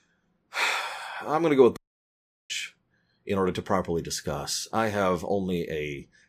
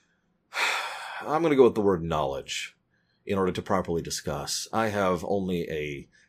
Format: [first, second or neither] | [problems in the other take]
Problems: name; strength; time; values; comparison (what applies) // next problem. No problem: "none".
second | audio cutting out; at 2 s for 0.5 s